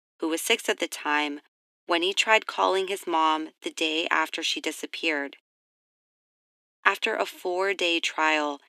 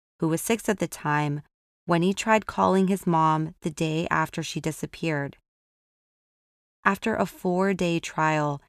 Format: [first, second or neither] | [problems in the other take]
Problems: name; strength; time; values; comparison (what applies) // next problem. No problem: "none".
second | thin; somewhat; fading below 250 Hz